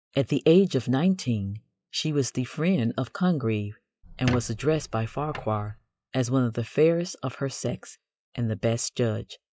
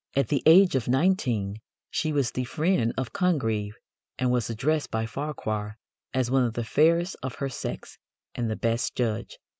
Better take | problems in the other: second | noise reduction (classical method log-MMSE)

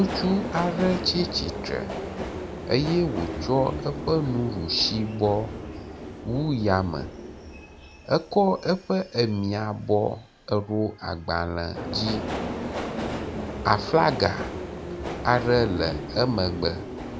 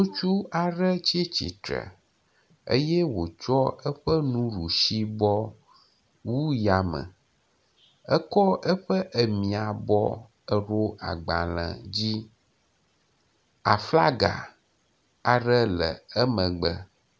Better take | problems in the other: second | background sound (Subway, metro, underground); 7 dB below the speech

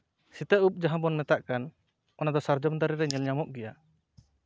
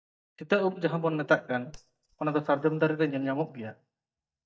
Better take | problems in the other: first | noise reduction (neural mask model DeepFilterNet 3)

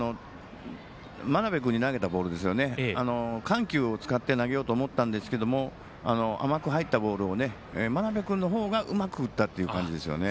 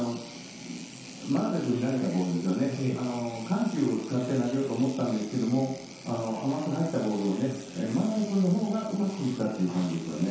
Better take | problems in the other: first | background sound (Engine / Domestic sounds, home sounds); 19 dB below the speech // room echo; dies away in 0.8 s

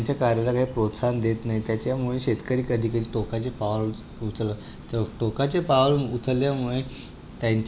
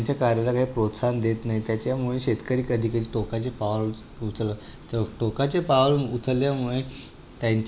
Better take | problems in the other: second | background sound (Insect); 19 dB below the speech

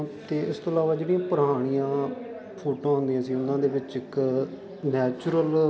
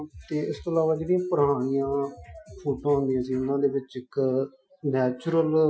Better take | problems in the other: first | noise reduction (classical method Wiener filter)

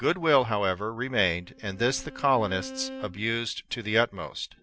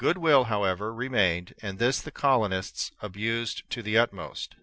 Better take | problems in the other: second | background sound (Bowed string instrument); 17 dB below the speech

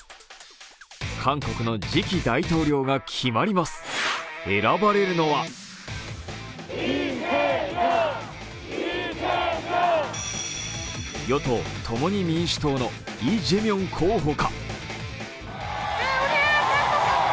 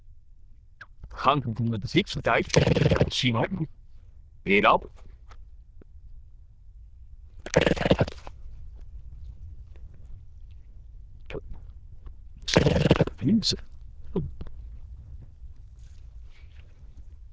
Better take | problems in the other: first | noise reduction (neural diffusion model UNIVERSE++)

